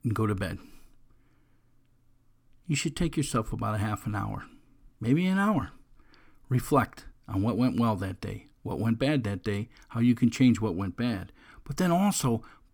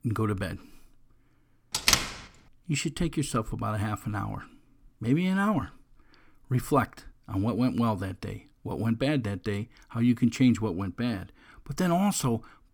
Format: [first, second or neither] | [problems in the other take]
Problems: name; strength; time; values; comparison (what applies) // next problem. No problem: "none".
first | door banging; loud; at 1.5 s; peak 6 dB above the speech